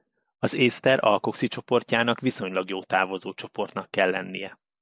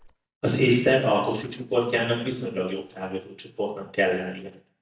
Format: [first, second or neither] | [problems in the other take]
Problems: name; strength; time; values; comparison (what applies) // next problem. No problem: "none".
first | noise reduction (neural mask model DeepFilterNet 3)